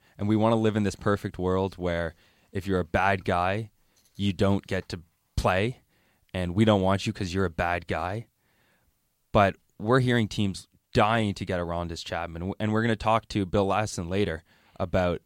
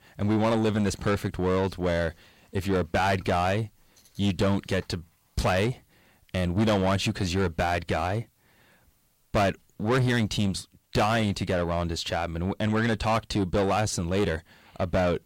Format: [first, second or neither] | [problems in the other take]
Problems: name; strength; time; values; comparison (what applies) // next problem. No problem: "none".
first | distortion; heavy; 8 dB below the speech